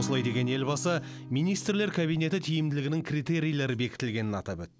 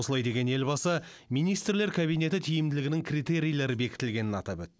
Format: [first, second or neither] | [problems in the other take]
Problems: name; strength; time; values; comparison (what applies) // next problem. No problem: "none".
second | background sound (Acoustic guitar); 13 dB below the speech